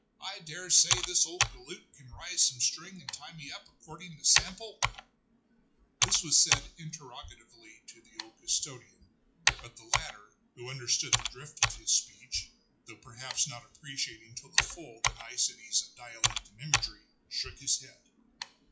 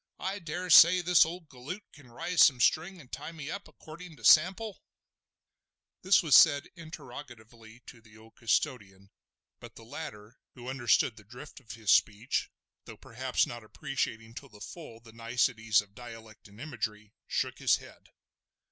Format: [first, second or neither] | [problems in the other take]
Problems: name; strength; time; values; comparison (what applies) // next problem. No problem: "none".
second | noise reduction (classical method WPE with log-MMSE)